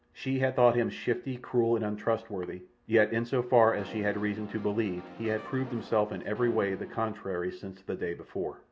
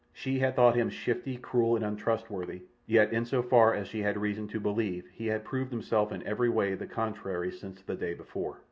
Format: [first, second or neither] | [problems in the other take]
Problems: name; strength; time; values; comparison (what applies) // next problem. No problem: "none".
second | background sound (Brass instrument); 16 dB below the speech